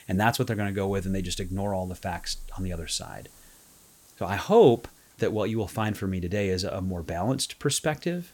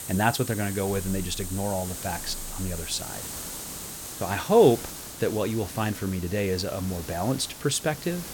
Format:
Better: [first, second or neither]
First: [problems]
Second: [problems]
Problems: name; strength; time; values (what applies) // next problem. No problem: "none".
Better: first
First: hiss; faint; throughout; 25 dB below the speech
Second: hiss; loud; throughout; 9 dB below the speech